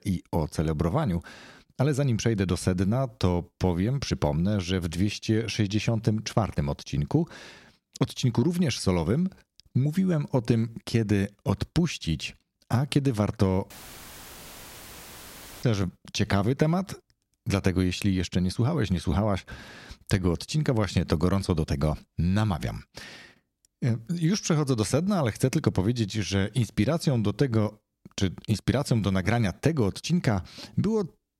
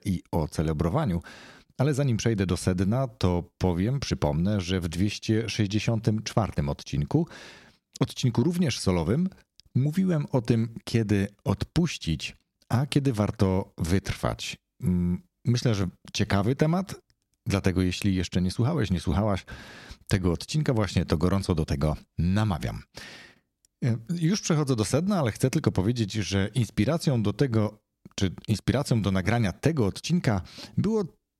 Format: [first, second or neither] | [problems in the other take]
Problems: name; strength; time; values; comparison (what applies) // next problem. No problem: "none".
second | audio cutting out; filled with static; at 14 s for 2 s